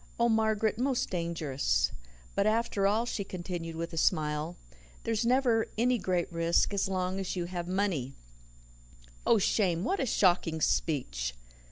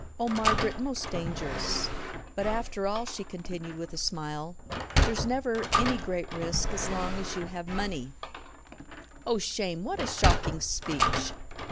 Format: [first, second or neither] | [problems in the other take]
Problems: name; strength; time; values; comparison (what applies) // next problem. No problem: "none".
first | background sound (Sliding door); as loud as the speech